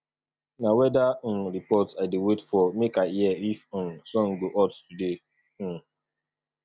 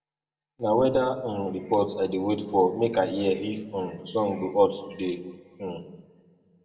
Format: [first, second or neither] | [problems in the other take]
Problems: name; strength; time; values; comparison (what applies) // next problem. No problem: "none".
first | room echo; dies away in 0.9 s